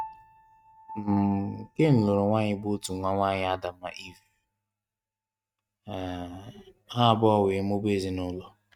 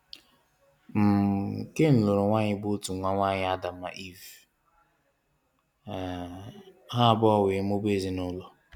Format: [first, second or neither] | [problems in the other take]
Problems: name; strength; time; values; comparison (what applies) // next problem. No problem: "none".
second | noise reduction (neural mask model RNNoise)